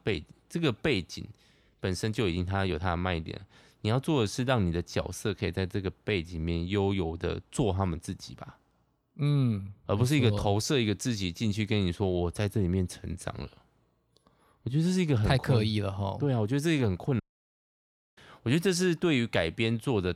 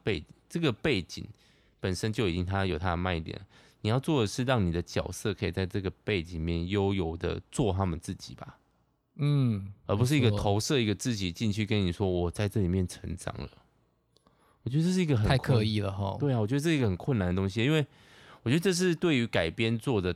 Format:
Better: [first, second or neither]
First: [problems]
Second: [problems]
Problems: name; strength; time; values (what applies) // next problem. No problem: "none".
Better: second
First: audio cutting out; at 17 s for 1 s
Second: none